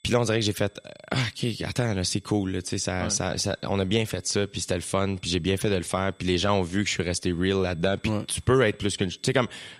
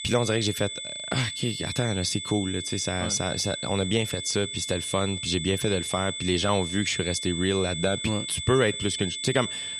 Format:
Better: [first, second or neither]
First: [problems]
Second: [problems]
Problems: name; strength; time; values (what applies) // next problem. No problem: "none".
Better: first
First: high-pitched whine; faint; throughout; 3.5 kHz, 35 dB below the speech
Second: high-pitched whine; loud; throughout; 3.5 kHz, 5 dB below the speech